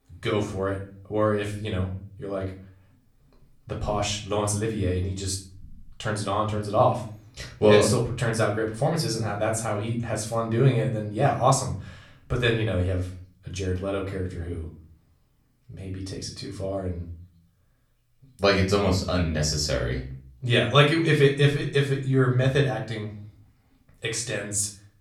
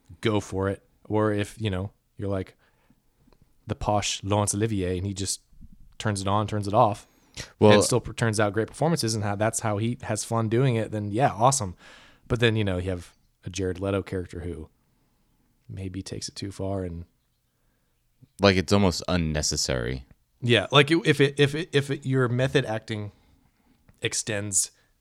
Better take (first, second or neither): second